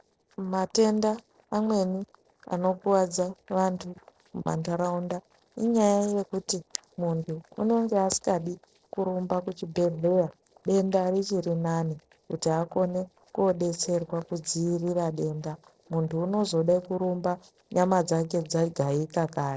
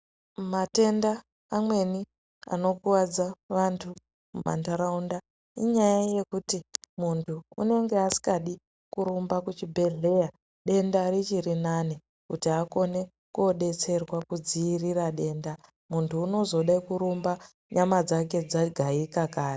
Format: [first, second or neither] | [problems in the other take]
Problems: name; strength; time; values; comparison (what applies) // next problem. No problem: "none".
second | noise reduction (neural separator model SepFormer DNS4)